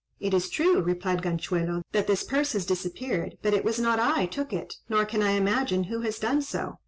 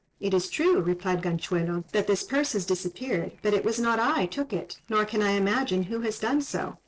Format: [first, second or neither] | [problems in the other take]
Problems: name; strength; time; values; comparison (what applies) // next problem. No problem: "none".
first | noise reduction (neural separator model SepFormer DNS4)